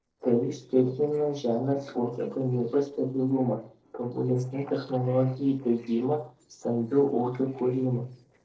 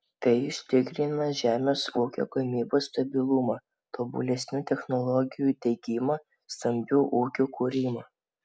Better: second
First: noise reduction (neural separator model SepFormer DNS4)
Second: none

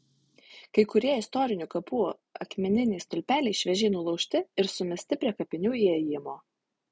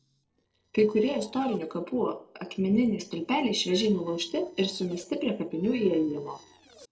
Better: first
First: none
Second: noise reduction (neural separator model SepFormer DNS4)

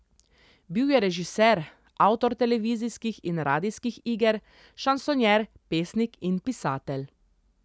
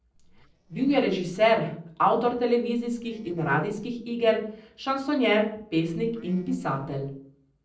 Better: first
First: none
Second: noise reduction (neural separator model SepFormer DNS4)

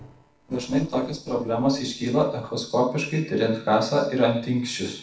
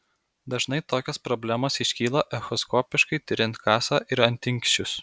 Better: second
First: noise reduction (neural separator model SepFormer DNS4)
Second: none

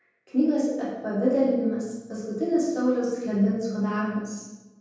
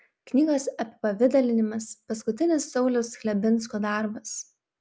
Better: second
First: room echo; dies away in 1.3 s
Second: none

